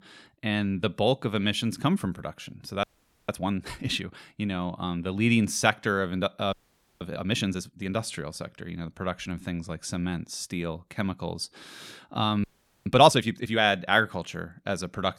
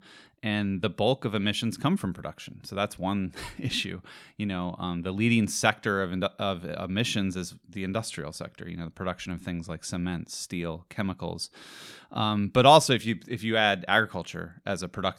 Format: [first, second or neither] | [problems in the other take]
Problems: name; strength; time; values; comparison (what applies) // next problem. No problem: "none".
second | audio freezing; at 3 s, at 6.5 s and at 12 s